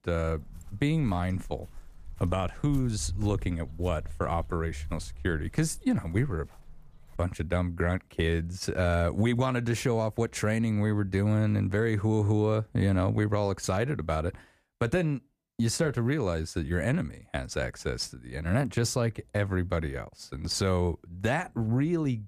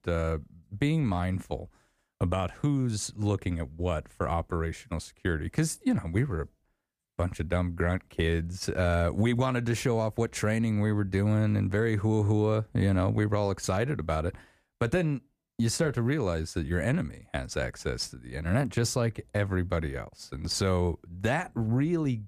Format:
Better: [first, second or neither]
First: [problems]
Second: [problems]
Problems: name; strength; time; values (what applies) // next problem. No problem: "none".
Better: second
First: footsteps; noticeable; until 7 s; peak 8 dB below the speech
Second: none